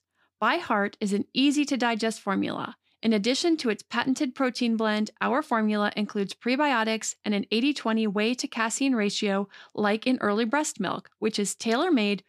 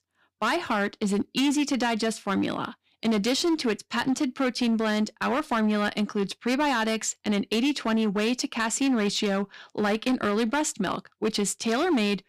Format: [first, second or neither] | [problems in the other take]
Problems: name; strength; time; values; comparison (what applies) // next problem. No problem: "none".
first | distortion; slight; 11% of the sound clipped